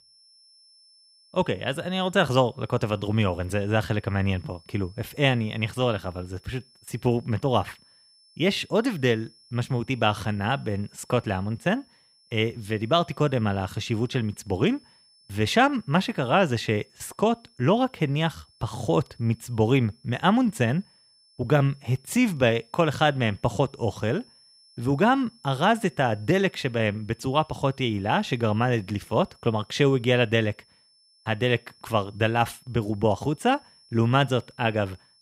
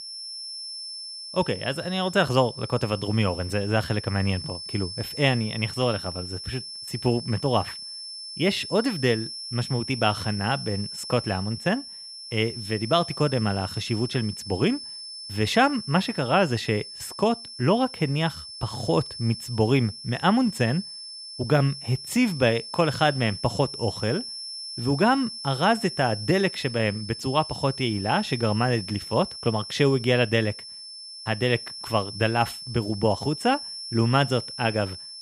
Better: first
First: high-pitched whine; faint; throughout; 5.5 kHz, 30 dB below the speech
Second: high-pitched whine; loud; throughout; 5.5 kHz, 10 dB below the speech

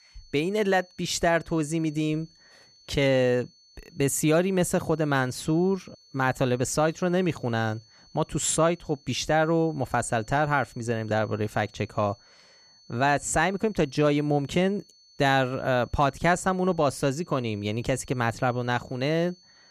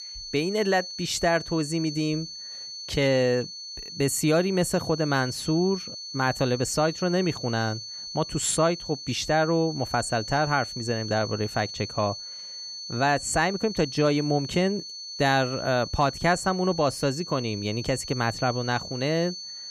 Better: first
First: high-pitched whine; faint; throughout; 4.5 kHz, 30 dB below the speech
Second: high-pitched whine; loud; throughout; 4.5 kHz, 9 dB below the speech

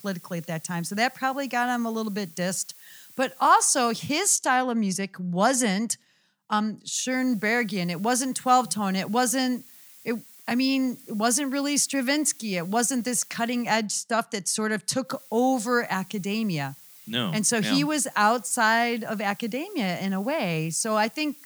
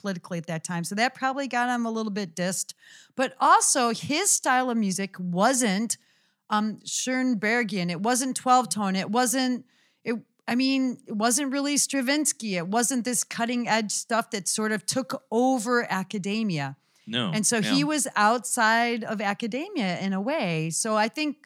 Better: second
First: hiss; faint; until 4 s, from 7 to 14 s and from 15 s on; 20 dB below the speech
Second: none

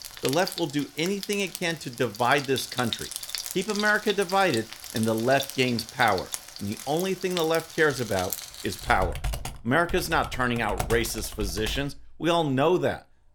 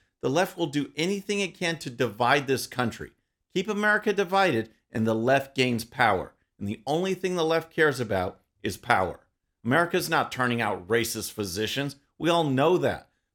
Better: second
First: household noises; loud; throughout; 9 dB below the speech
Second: none

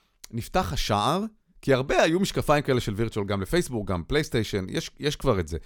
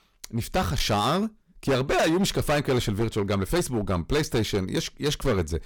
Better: first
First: none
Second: distortion; heavy; 14% of the sound clipped

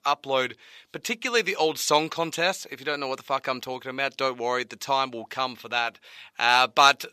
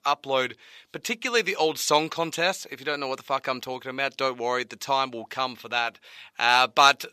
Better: neither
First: thin; somewhat; fading below 600 Hz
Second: thin; somewhat; fading below 600 Hz

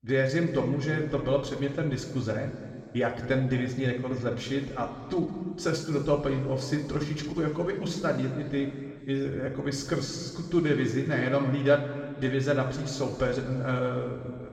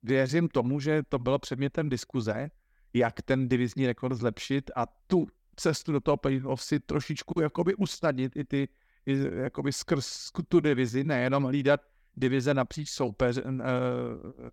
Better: second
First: room echo; noticeable; dies away in 2.1 s // off-mic speech; somewhat distant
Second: none

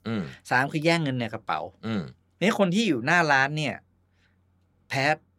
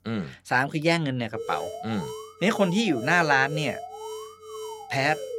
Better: first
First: none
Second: alarm; noticeable; from 1.5 s on; peak 9 dB below the speech

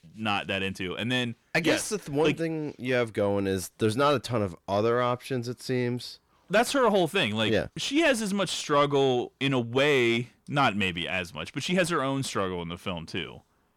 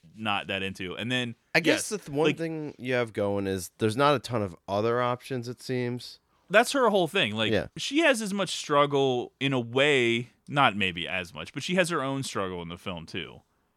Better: second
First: distortion; slight; 10 dB below the speech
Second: none

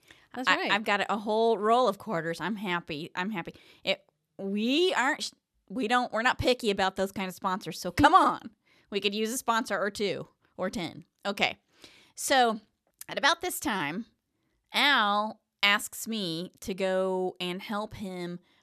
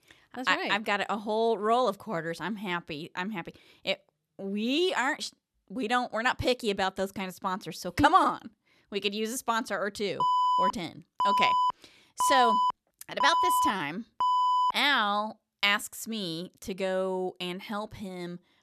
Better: first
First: none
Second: alarm; loud; from 10 to 15 s; peak 5 dB above the speech

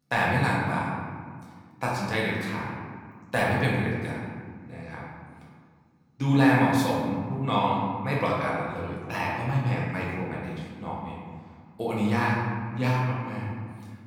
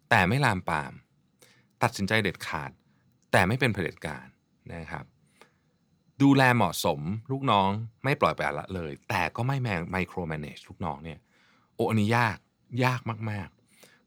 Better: second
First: room echo; noticeable; dies away in 1.8 s // off-mic speech; far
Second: none

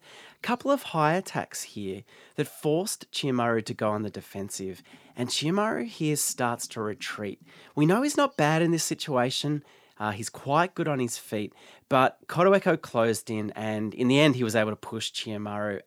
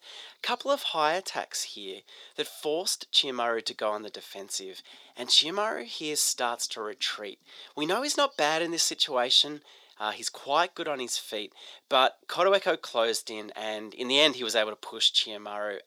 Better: first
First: none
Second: thin; somewhat; fading below 500 Hz

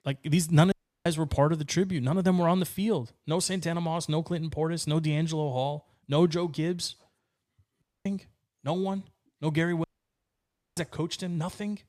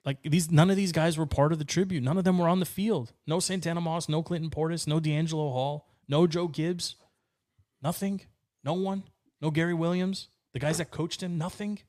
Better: second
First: audio cutting out; at 0.5 s, at 8 s and at 10 s for 1 s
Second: none

